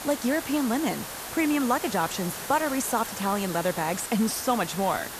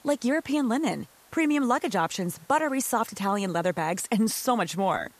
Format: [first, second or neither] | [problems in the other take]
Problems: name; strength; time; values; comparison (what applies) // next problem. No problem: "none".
second | hiss; loud; throughout; 8 dB below the speech; faint in the second